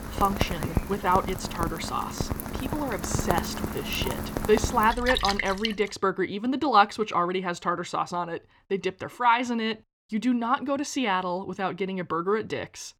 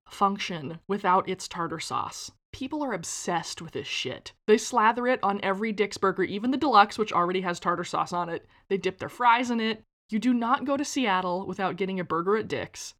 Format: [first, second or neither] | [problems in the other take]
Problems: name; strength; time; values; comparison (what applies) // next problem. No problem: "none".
second | rain or running water; loud; until 5.5 s; 4 dB below the speech